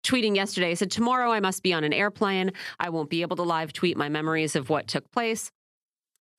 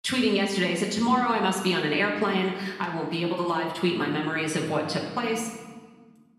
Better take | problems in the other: first | room echo; noticeable; dies away in 1.1 s // off-mic speech; far

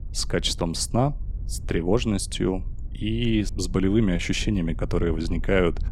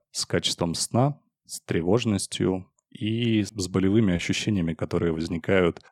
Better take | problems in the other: second | wind noise on the microphone; occasional gusts; 25 dB below the speech

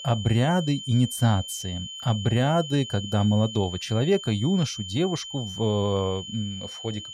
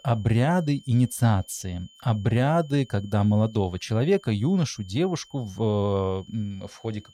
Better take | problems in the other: second | high-pitched whine; loud; throughout; 3 kHz, 10 dB below the speech; faint in the second

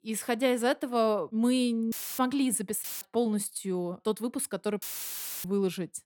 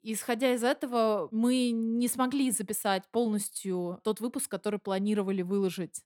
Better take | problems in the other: second | audio cutting out; filled with static; at 2 s, at 3 s and at 5 s for 0.5 s

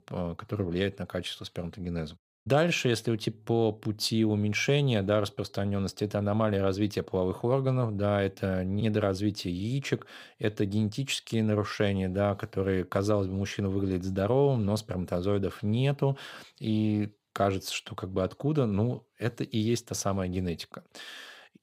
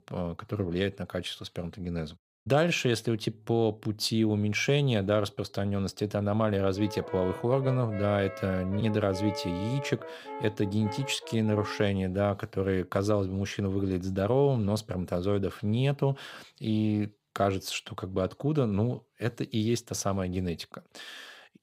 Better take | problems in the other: first | background music; noticeable; from 6.5 s on; 10 dB below the speech

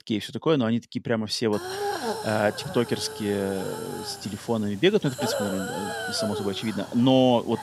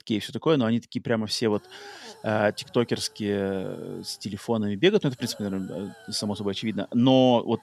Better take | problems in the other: second | hiss; loud; from 1.5 s on; 8 dB below the speech; faint in the second

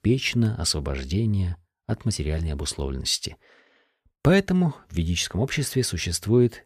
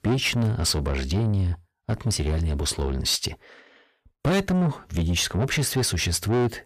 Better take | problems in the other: first | distortion; heavy; 7 dB below the speech

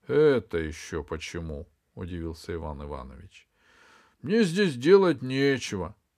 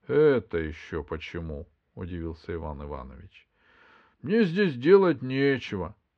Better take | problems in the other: first | muffled; slightly; fading above 3.5 kHz

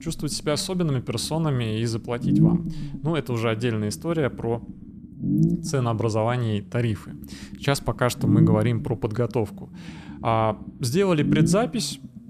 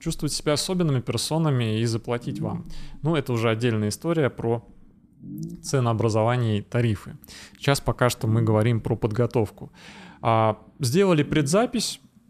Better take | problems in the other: second | low rumble; loud; throughout; 5 dB below the speech; faint in the second

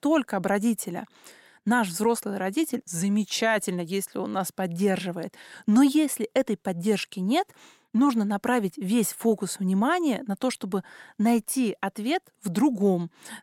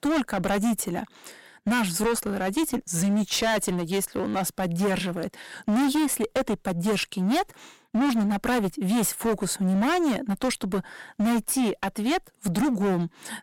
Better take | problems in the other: first | distortion; heavy; 20% of the sound clipped

